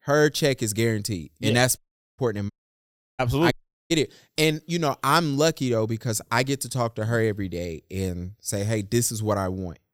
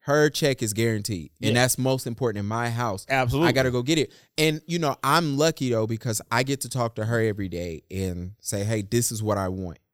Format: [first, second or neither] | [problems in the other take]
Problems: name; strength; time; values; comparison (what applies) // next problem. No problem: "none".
second | audio cutting out; at 2 s, at 2.5 s for 0.5 s and at 3.5 s